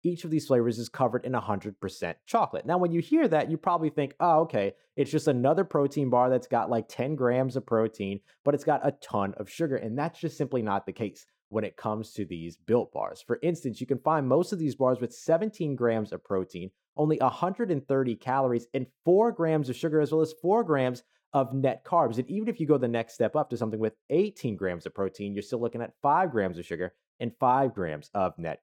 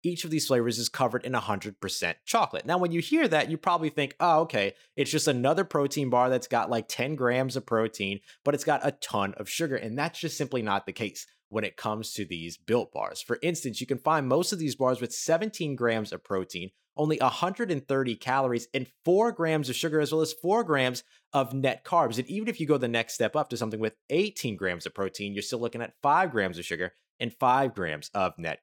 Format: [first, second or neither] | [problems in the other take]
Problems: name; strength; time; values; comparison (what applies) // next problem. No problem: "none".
second | muffled; slightly; fading above 1.5 kHz